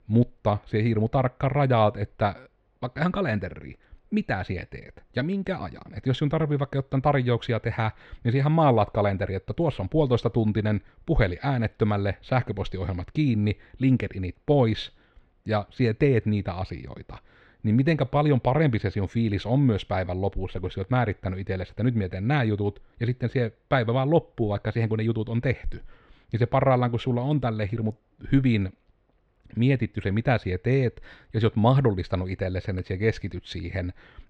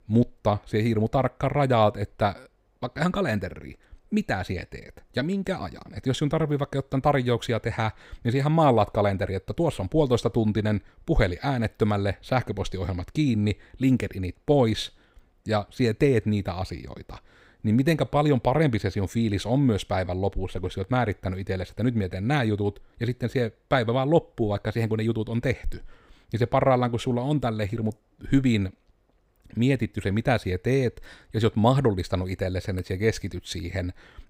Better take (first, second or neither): second